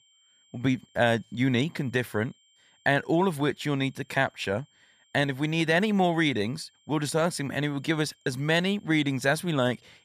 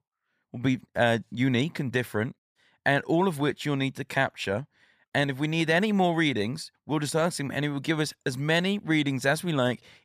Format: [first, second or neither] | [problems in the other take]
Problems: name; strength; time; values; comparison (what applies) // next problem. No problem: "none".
second | high-pitched whine; faint; throughout; 3 kHz, 35 dB below the speech